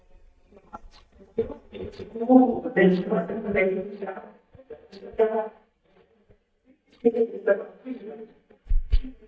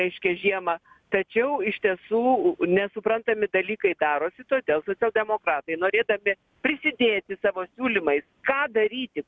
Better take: second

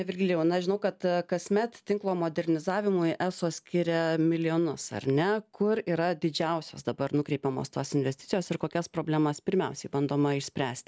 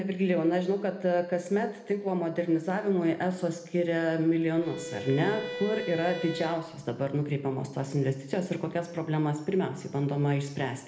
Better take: first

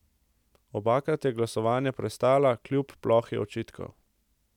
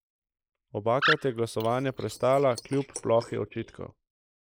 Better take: first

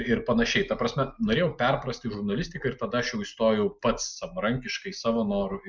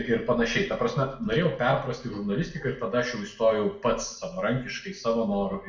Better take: first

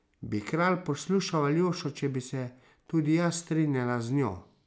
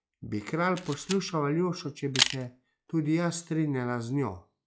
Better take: first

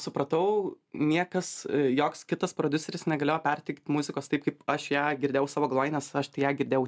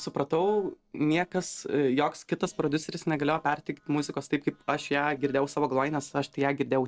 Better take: first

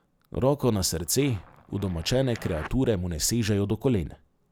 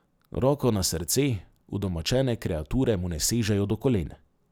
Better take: second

